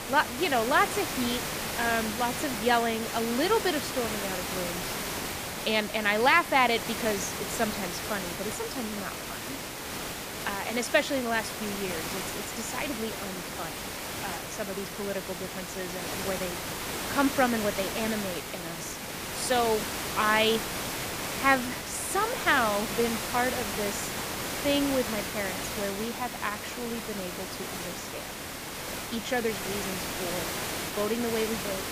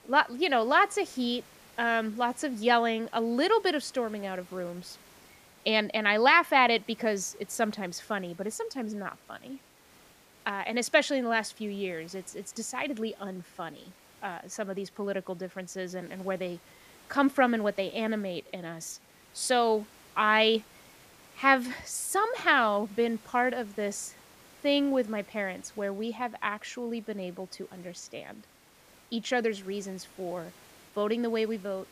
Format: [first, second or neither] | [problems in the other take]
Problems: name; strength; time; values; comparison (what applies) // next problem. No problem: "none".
second | hiss; loud; throughout; 4 dB below the speech; faint in the second